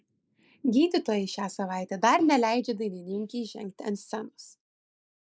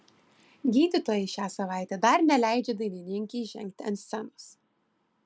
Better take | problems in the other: second | noise reduction (neural mask model Resemble Enhance denoiser)

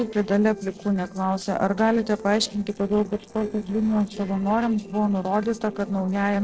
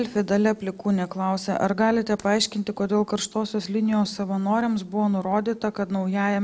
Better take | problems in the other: second | noise reduction (neural separator model SepFormer DNS4)

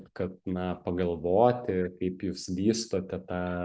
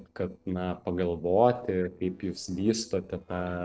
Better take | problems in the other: first | noise reduction (neural separator model SepFormer DNS4)

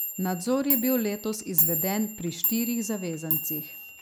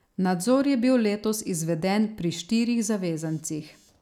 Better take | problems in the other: second | background sound (Clock); 1 dB below the speech

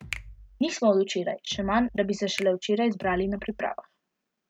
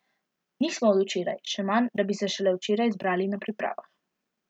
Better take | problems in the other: second | background sound (Bass drum + Finger snapping); 17 dB below the speech

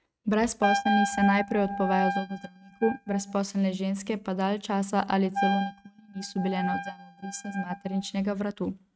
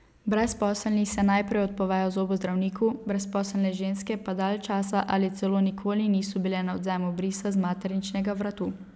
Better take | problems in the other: second | noise reduction (neural mask model RNNoise)

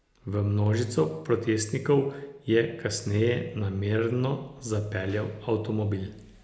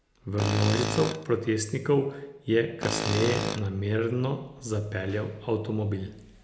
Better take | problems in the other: first | background sound (Tools); 4 dB below the speech

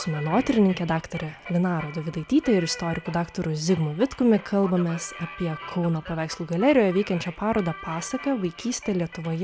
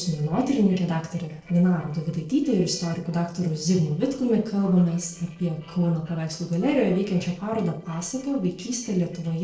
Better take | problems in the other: first | noise reduction (neural separator model SepFormer DNS4)

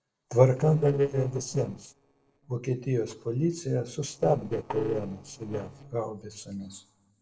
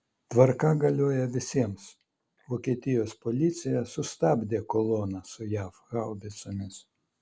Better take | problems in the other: second | noise reduction (neural separator model SepFormer DNS4)

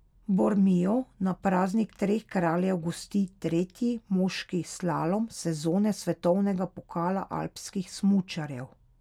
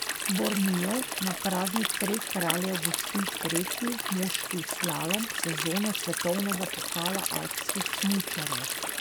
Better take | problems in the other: first | background sound (Stream); as loud as the speech

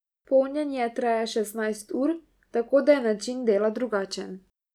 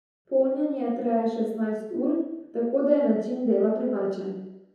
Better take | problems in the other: first | room echo; dies away in 0.9 s

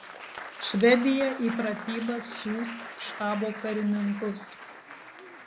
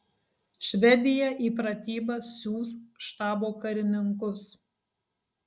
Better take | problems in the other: second | background sound (Applause); 12 dB below the speech

